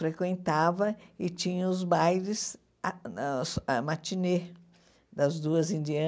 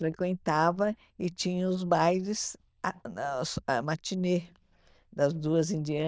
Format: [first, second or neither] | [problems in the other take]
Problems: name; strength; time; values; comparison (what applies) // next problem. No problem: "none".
first | noise reduction (neural diffusion model UNIVERSE++)